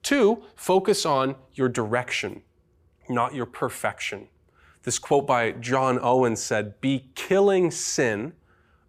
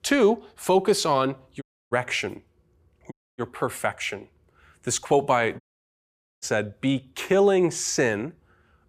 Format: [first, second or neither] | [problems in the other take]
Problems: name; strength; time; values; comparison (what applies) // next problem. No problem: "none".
first | audio cutting out; at 1.5 s, at 3 s and at 5.5 s for 1 s